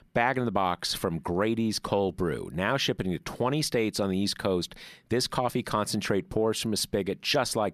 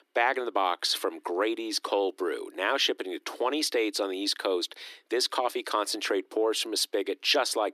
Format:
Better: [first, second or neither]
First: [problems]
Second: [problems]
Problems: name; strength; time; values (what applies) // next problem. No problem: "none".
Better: first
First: none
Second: thin; somewhat; fading below 300 Hz